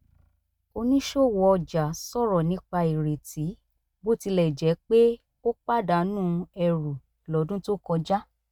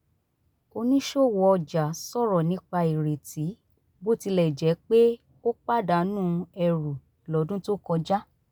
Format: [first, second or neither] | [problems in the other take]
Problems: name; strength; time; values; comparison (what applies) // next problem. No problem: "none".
second | noise reduction (neural mask model RNNoise)